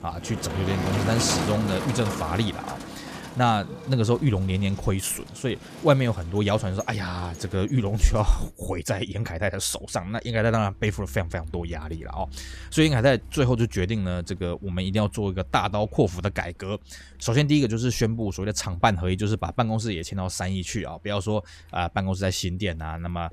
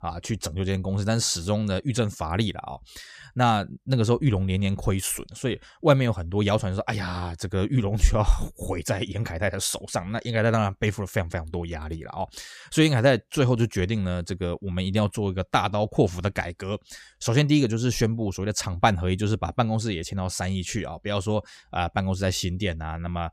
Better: second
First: traffic noise; noticeable; throughout; 10 dB below the speech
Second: none

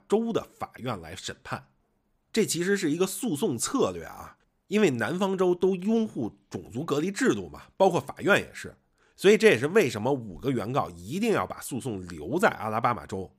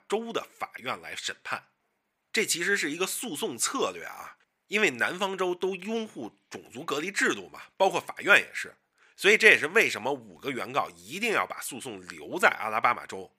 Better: first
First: none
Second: thin; somewhat; fading below 750 Hz

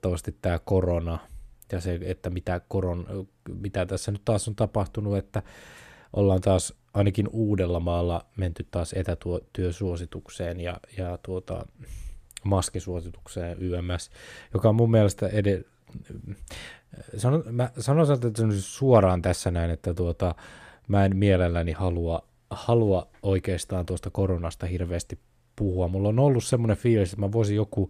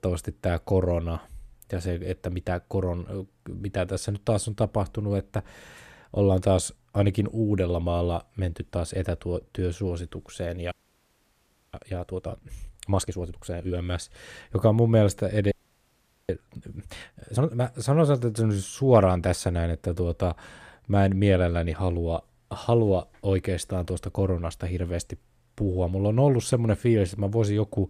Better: first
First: none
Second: audio freezing; at 11 s for 1 s and at 16 s for 1 s

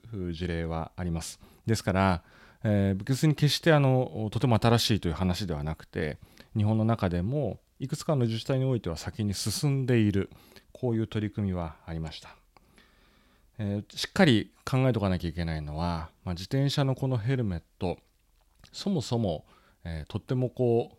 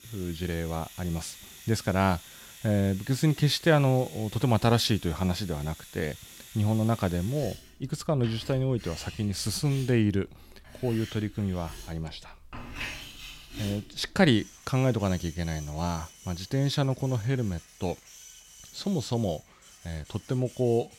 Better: first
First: none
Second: household noises; noticeable; throughout; 15 dB below the speech

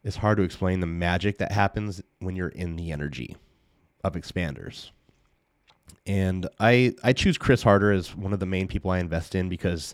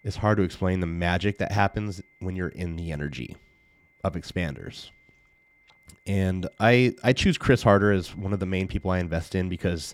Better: first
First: none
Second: high-pitched whine; faint; throughout; 2 kHz, 35 dB below the speech

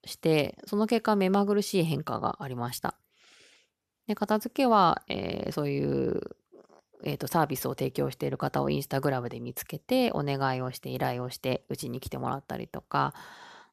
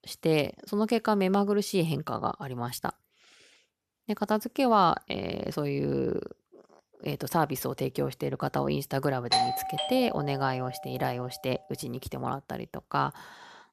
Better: first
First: none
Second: doorbell; loud; from 9.5 to 10 s; peak 4 dB above the speech

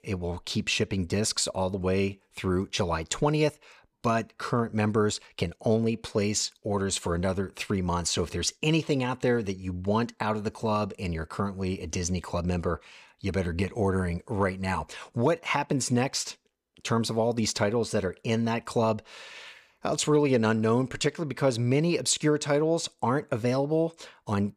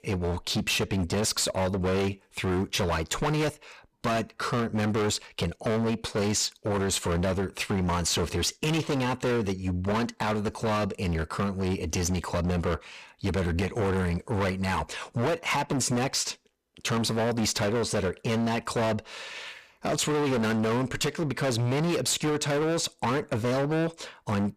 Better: first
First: none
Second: distortion; heavy; 26% of the sound clipped

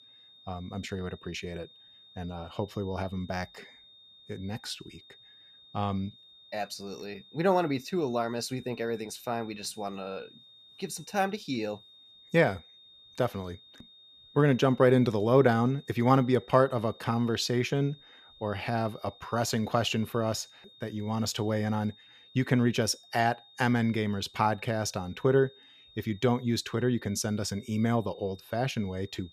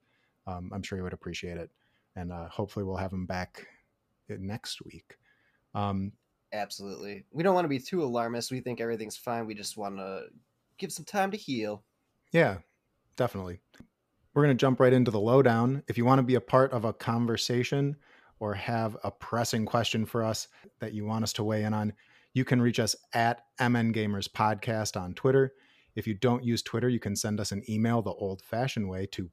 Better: second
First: high-pitched whine; faint; throughout; 3.5 kHz, 25 dB below the speech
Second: none

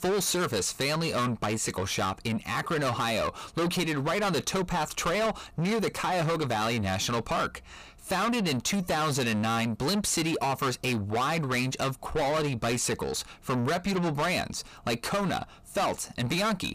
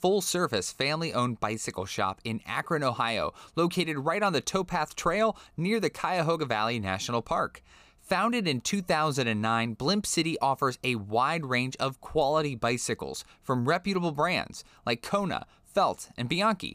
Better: second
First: distortion; heavy; 6 dB below the speech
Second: none

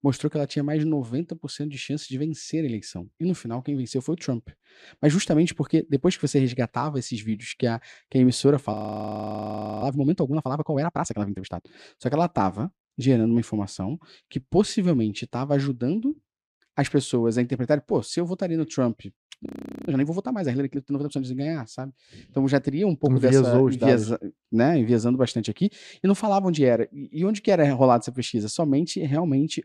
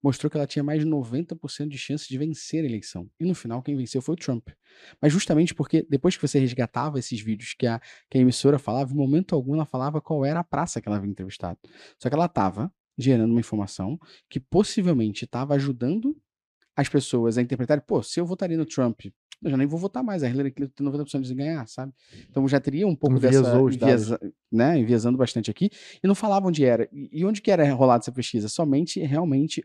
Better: second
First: audio freezing; at 8.5 s for 1 s and at 19 s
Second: none

